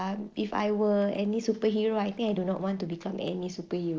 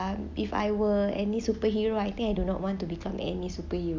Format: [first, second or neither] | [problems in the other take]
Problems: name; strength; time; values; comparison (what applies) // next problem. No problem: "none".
second | noise reduction (neural separator model SepFormer DNS4)